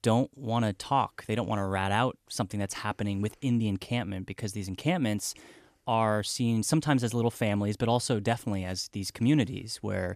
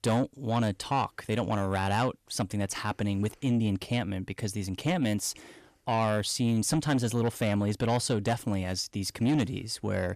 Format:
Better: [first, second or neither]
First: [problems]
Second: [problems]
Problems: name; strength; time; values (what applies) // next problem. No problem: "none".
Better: first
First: none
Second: distortion; slight; 10 dB below the speech